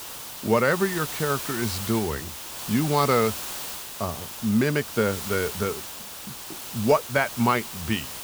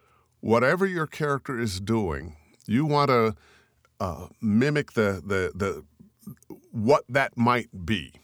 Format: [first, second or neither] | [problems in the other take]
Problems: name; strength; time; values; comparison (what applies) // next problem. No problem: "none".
second | hiss; loud; throughout; 8 dB below the speech